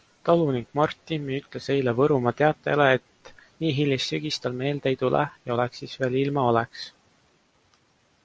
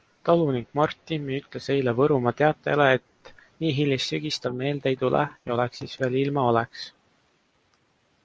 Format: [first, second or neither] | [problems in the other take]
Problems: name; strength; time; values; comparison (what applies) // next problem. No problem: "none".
first | noise reduction (neural mask model Resemble Enhance denoiser)